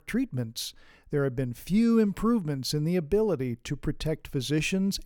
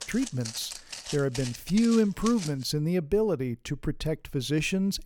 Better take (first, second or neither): first